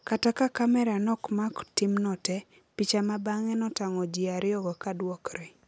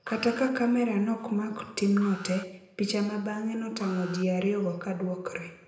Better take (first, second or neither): first